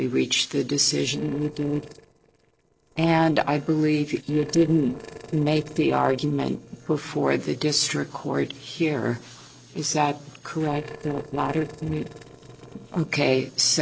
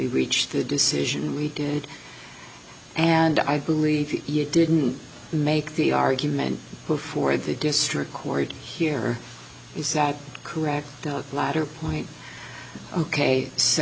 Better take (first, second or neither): second